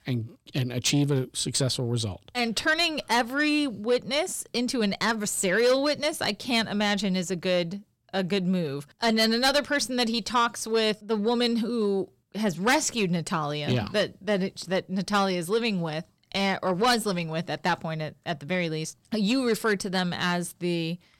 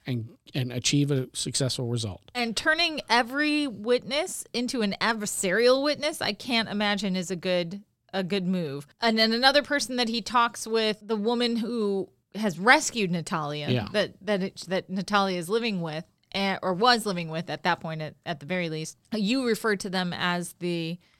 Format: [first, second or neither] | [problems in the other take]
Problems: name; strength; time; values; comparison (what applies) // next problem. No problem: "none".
second | distortion; slight; 10 dB below the speech